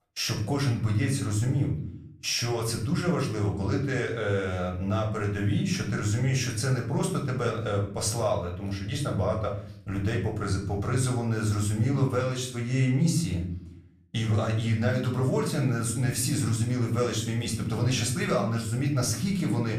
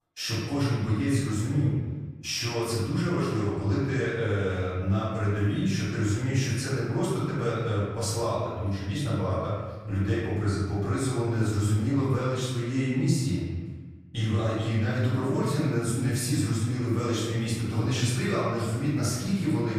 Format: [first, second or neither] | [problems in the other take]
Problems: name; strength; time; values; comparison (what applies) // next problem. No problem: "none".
first | room echo; strong; dies away in 1.3 s; slight in the first // off-mic speech; far; far in the first